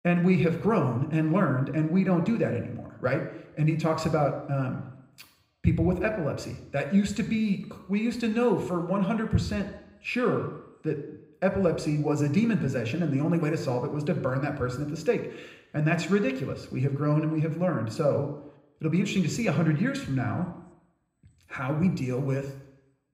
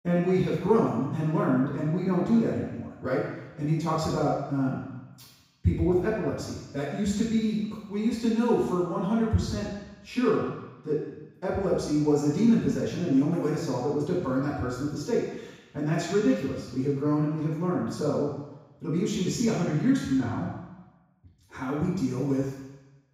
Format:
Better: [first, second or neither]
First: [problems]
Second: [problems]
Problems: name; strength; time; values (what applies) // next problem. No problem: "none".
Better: first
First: room echo; slight; dies away in 0.8 s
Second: room echo; strong; dies away in 1.1 s // off-mic speech; far